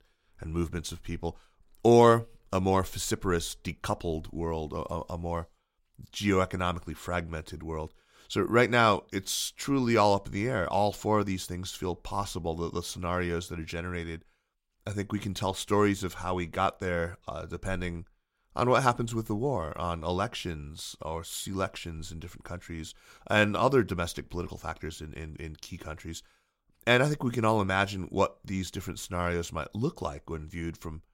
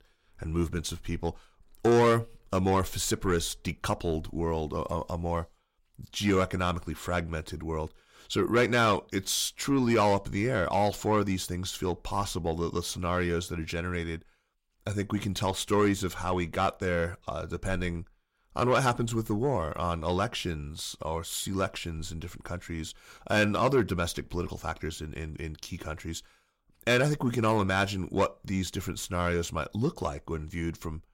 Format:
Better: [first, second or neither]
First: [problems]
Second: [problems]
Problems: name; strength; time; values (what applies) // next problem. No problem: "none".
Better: first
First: none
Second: distortion; slight; 10 dB below the speech